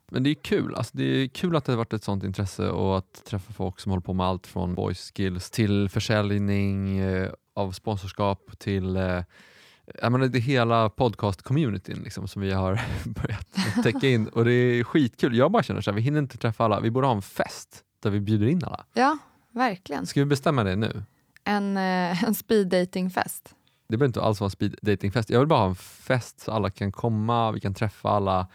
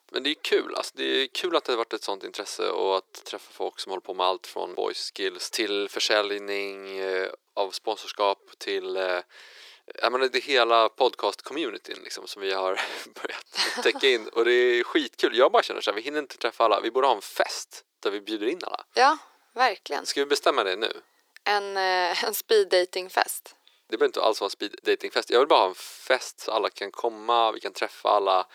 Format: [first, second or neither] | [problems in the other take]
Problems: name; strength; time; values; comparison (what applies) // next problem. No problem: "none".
first | thin; very; fading below 350 Hz